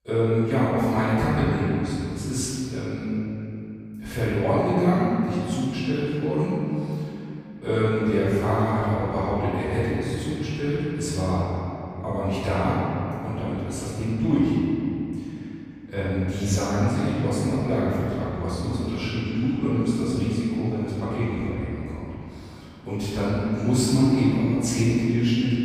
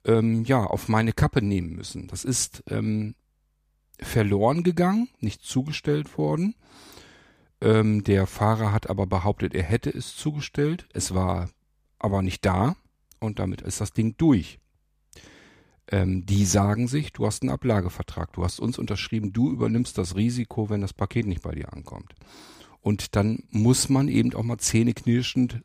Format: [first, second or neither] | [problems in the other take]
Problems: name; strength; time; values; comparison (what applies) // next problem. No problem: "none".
second | off-mic speech; far // room echo; strong; dies away in 2.8 s